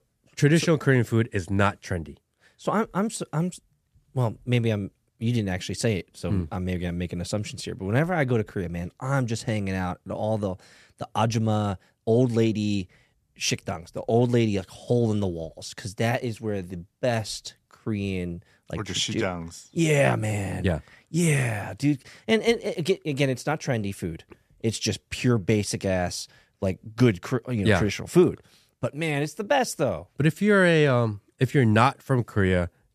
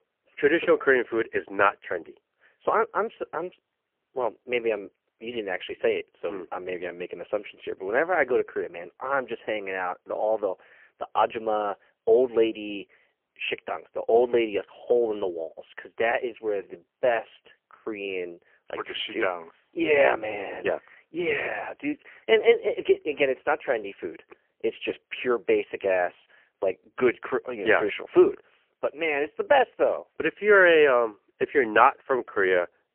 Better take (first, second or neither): first